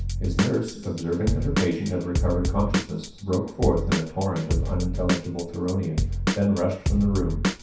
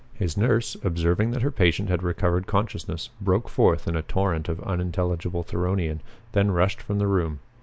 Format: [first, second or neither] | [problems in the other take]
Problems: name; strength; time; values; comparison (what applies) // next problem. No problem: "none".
second | background sound (Drum / Drum kit); 1 dB below the speech // room echo; dies away in 0.7 s